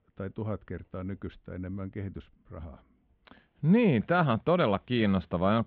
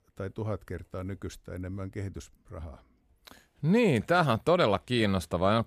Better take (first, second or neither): second